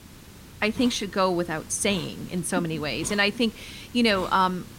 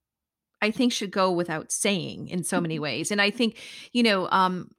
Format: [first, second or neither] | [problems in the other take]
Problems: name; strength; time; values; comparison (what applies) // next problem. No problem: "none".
second | hiss; noticeable; throughout; 20 dB below the speech